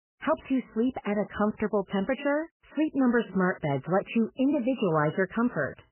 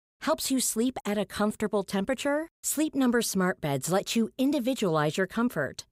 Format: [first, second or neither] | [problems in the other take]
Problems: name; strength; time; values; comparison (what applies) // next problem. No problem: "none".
second | garbled, watery; badly; nothing above 3 kHz